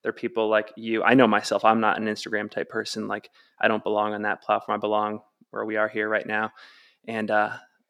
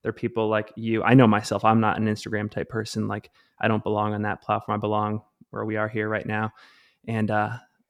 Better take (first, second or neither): second